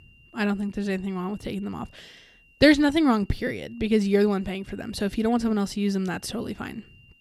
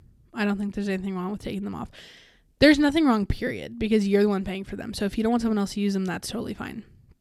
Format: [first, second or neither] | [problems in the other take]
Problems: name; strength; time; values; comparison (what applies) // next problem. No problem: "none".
second | high-pitched whine; faint; throughout; 3 kHz, 30 dB below the speech